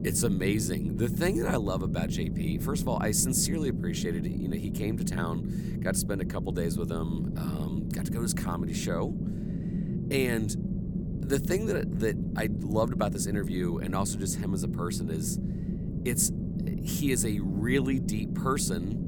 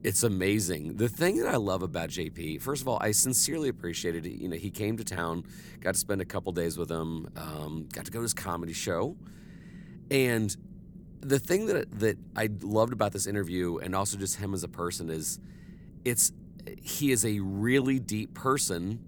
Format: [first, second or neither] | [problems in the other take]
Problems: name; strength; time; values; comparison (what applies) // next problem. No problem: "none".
second | low rumble; loud; throughout; 7 dB below the speech; faint in the second